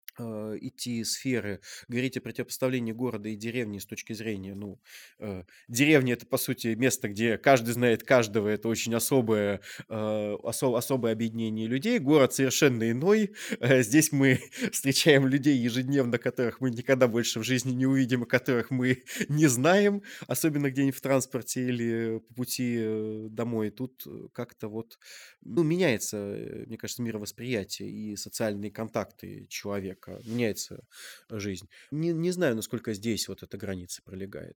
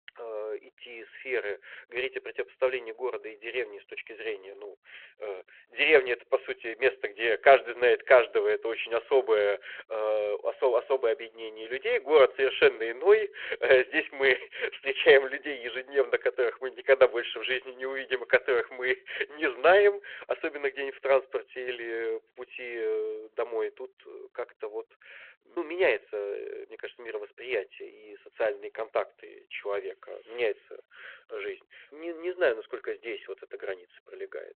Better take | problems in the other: first | phone-call audio

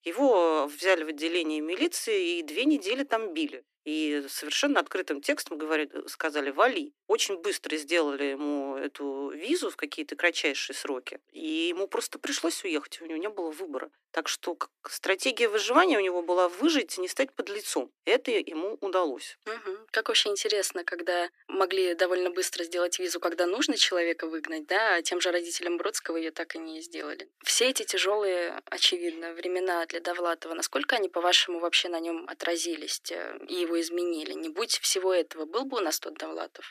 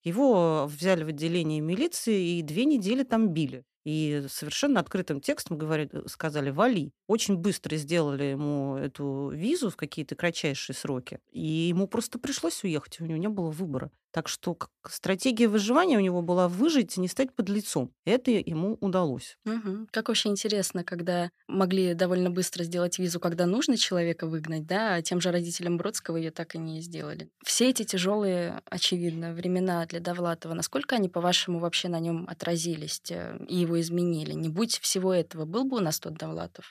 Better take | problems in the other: second | thin; somewhat; fading below 300 Hz

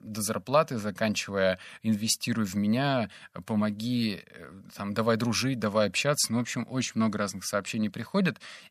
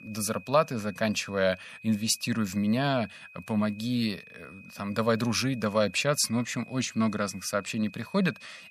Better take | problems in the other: first | high-pitched whine; faint; throughout; 2.5 kHz, 20 dB below the speech

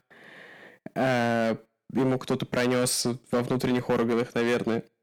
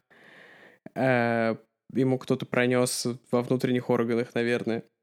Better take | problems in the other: second | distortion; heavy; 9% of the sound clipped

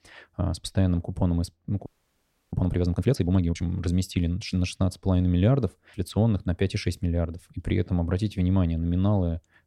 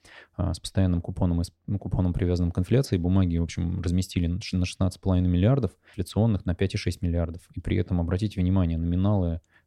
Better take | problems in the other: second | audio freezing; at 2 s for 0.5 s

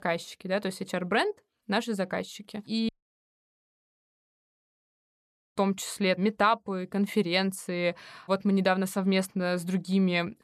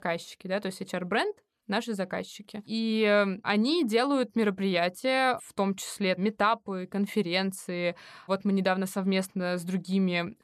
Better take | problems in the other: second | audio cutting out; at 3 s for 2.5 s

